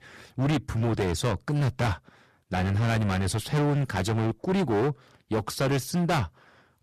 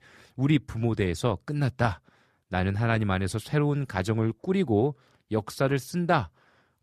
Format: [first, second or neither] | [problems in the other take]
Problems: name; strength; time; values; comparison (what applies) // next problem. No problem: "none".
second | distortion; heavy; 19% of the sound clipped